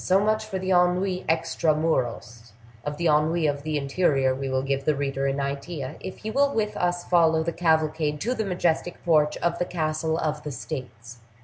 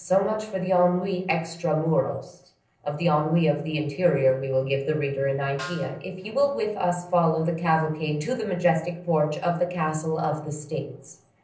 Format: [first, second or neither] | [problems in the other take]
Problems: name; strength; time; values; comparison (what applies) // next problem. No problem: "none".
first | noise reduction (neural separator model SepFormer DNS4)